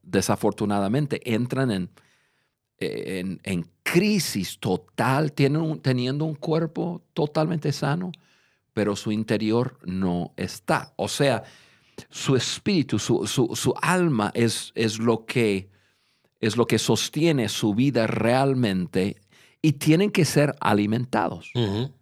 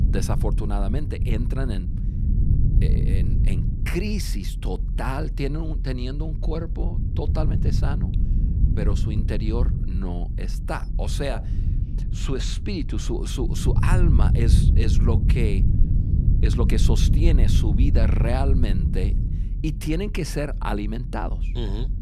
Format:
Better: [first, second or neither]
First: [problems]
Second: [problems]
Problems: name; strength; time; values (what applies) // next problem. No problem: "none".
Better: first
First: none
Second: low rumble; loud; throughout; 6 dB below the speech